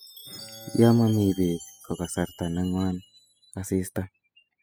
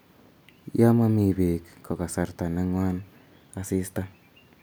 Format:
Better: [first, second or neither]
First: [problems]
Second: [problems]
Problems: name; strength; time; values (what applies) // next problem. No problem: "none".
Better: second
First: noise reduction (classical method spectral subtraction)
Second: none